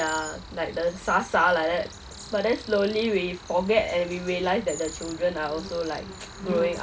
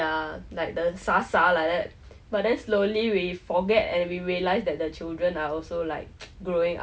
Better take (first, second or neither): second